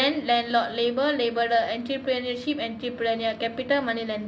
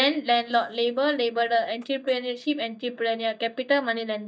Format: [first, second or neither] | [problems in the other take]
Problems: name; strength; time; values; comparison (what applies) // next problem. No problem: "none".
first | noise reduction (neural mask model DeepFilterNet 3)